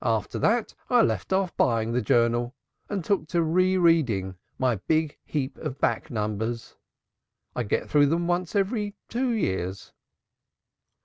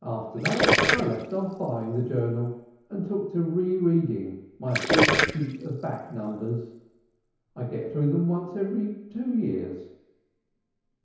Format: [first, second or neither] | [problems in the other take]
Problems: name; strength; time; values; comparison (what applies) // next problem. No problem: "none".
first | background sound (Gurgling); as loud as the speech // room echo; dies away in 1 s